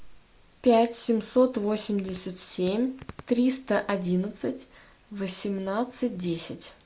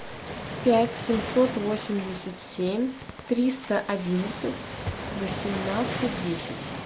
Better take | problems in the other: first | background sound (Waves, surf); 7 dB below the speech

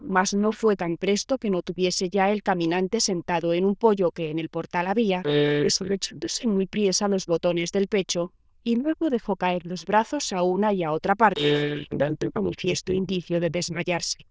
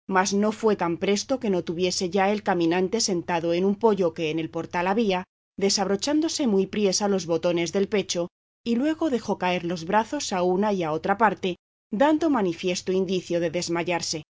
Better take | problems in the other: second | noise reduction (neural diffusion model UNIVERSE++)

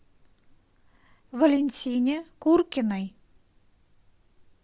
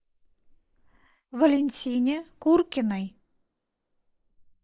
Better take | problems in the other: first | noise reduction (neural mask model Resemble Enhance denoiser)

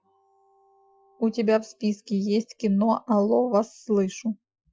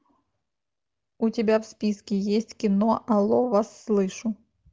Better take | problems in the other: second | noise reduction (classical method Wiener filter)

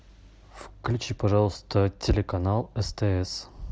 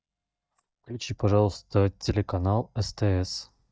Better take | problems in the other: first | noise reduction (neural mask model DeepFilterNet 3)

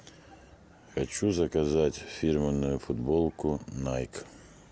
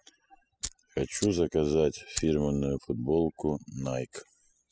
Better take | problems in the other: first | noise reduction (classical method spectral subtraction)

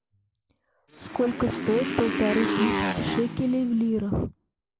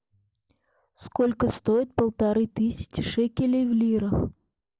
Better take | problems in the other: second | background sound (Motorcycle); 3 dB below the speech

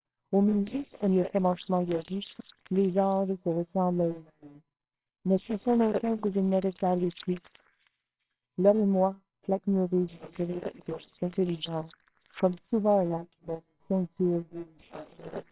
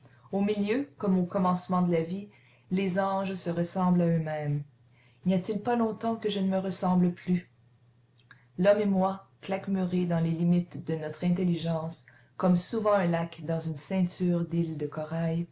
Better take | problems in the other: second | noise reduction (neural separator model SepFormer WHAMR!)

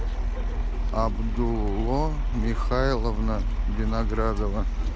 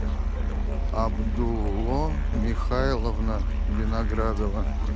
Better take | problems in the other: first | background sound (Musical instrument); 5 dB below the speech

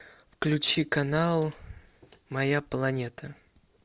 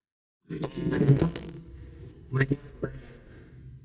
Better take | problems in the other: first | noise reduction (neural mask model DeepFilterNet 3)

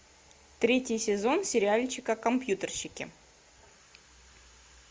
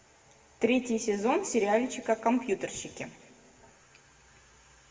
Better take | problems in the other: first | room echo; dies away in 1.5 s

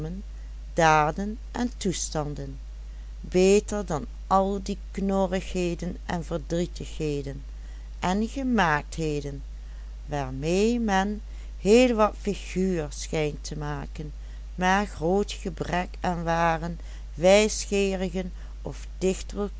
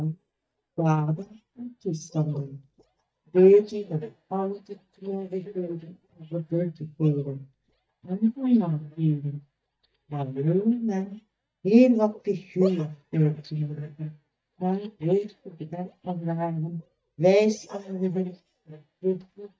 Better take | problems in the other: first | noise reduction (neural mask model DeepFilterNet 3)

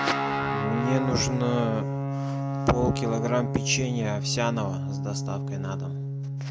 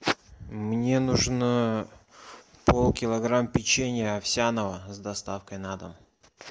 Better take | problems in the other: second | background sound (Guitar); as loud as the speech

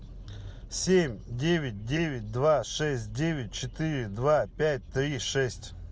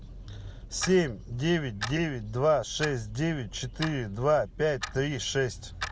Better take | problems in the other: first | background sound (Clock); 14 dB below the speech

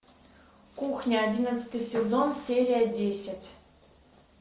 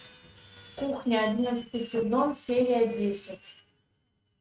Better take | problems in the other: first | noise reduction (neural mask model RNNoise)

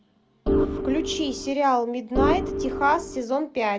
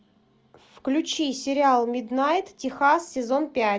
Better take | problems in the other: second | background sound (Organ); as loud as the speech

